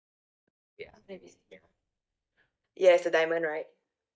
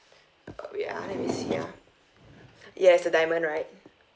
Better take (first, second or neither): second